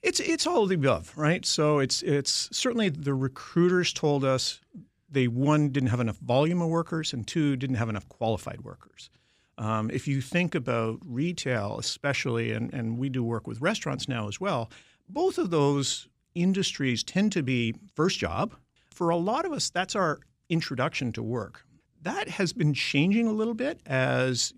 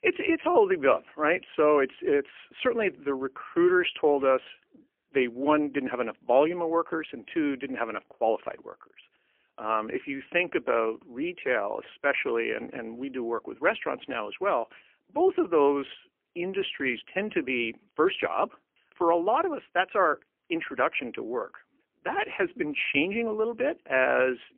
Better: first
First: none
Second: phone-call audio; poor line; nothing above 3 kHz

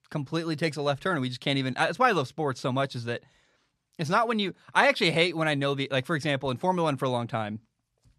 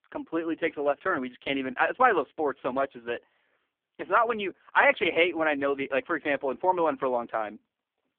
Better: first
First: none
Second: phone-call audio; poor line; nothing above 3.5 kHz

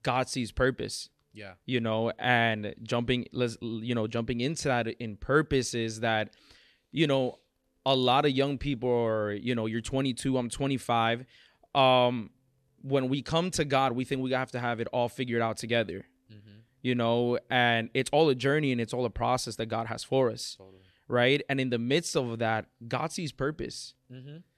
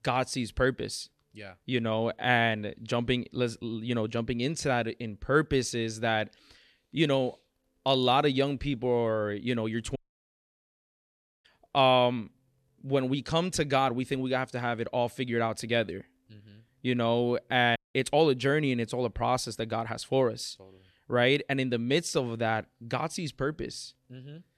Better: first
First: none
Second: audio cutting out; at 10 s for 1.5 s and at 18 s

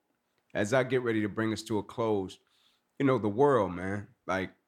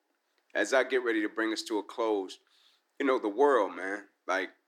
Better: first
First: none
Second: thin; somewhat; fading below 300 Hz

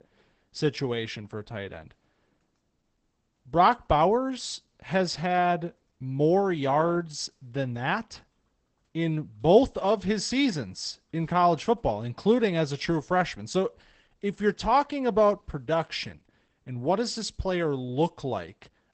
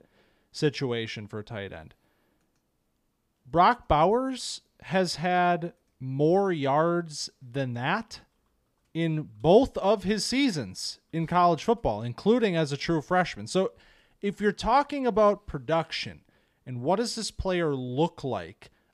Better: second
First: garbled, watery; badly; nothing above 8 kHz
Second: none

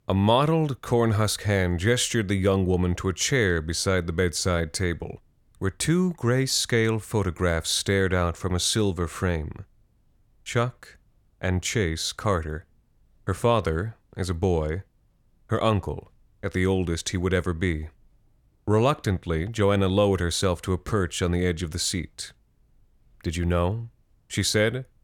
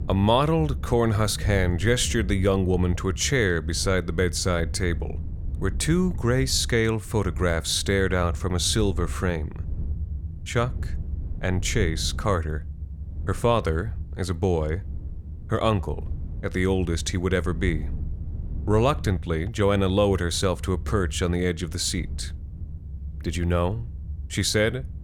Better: first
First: none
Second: low rumble; faint; throughout; 25 dB below the speech

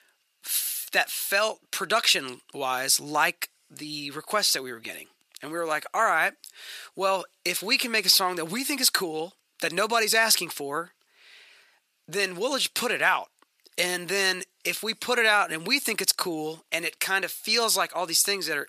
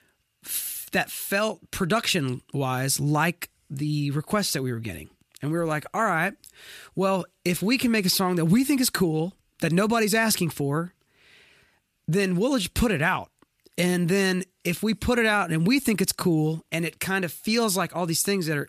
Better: second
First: thin; very; fading below 550 Hz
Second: none

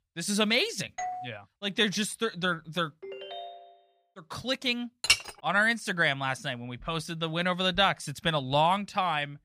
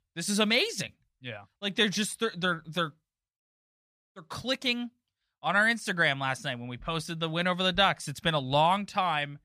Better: second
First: doorbell; noticeable; at 1 s; peak 8 dB below the speech // phone ringing; faint; at 3 s; peak 10 dB below the speech // clattering dishes; loud; at 5 s; peak 4 dB above the speech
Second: none

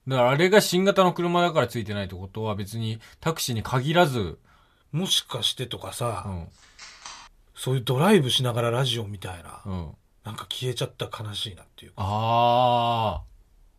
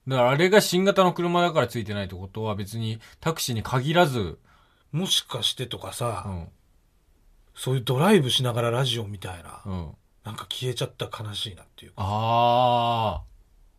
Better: second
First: phone ringing; faint; at 6.5 s; peak 15 dB below the speech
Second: none

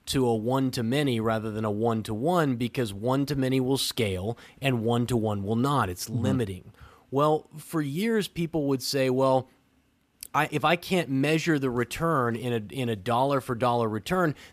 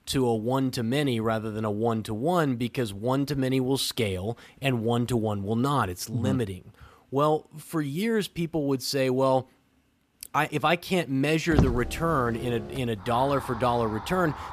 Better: first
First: none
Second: traffic noise; loud; from 11 s on; 7 dB below the speech

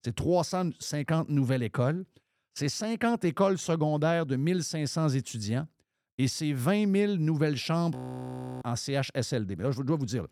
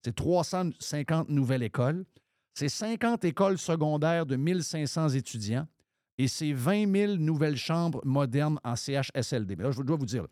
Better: second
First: audio freezing; at 8 s for 0.5 s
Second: none

